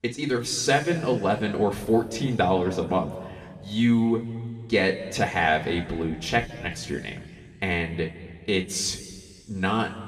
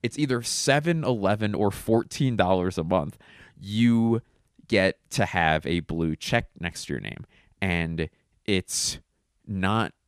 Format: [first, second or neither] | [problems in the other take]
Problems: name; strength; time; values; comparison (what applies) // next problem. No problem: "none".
second | room echo; slight; dies away in 1.8 s // off-mic speech; somewhat distant